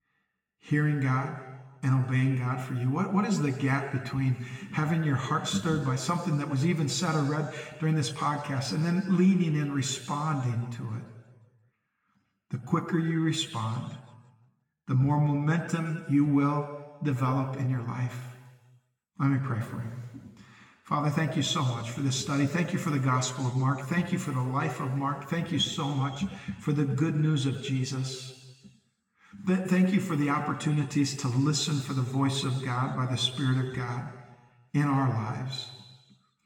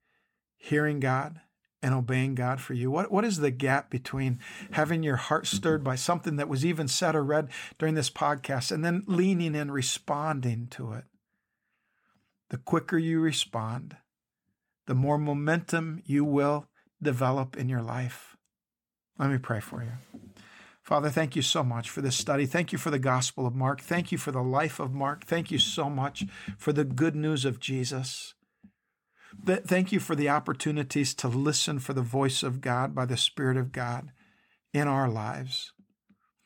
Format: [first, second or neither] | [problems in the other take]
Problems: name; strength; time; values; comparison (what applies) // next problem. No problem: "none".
second | room echo; noticeable; dies away in 1.4 s // off-mic speech; somewhat distant